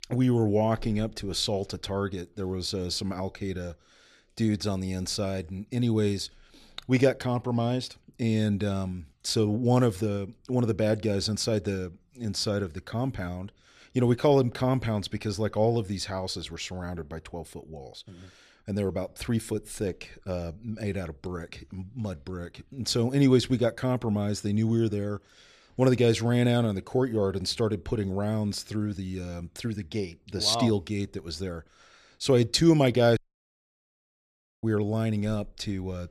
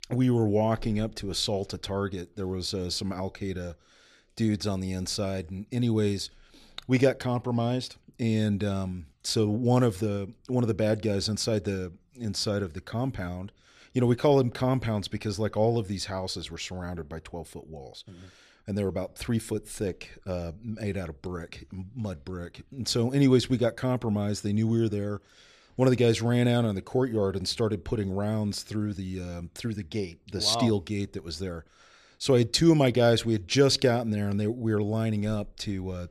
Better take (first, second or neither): second